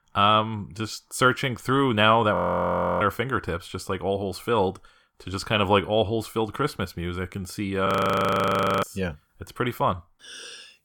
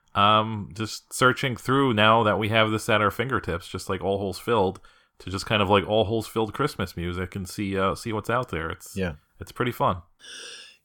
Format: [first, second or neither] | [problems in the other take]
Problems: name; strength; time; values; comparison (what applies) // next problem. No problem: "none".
second | audio freezing; at 2.5 s for 0.5 s and at 8 s for 1 s